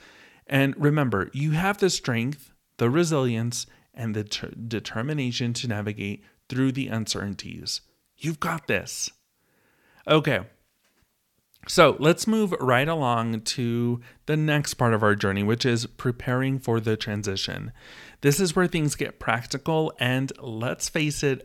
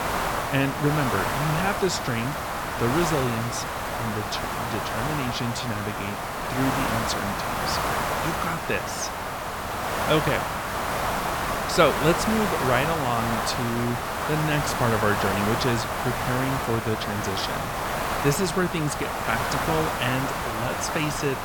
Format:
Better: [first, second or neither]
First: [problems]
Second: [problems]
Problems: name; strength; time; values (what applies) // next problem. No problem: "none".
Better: first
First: none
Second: hiss; loud; throughout; as loud as the speech